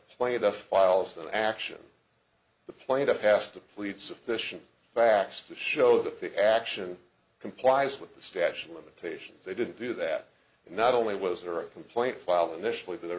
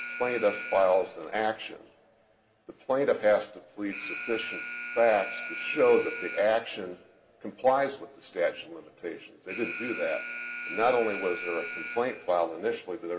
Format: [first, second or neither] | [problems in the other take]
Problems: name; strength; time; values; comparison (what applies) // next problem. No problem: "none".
first | background sound (Alarm); 11 dB below the speech // room echo; dies away in 2.4 s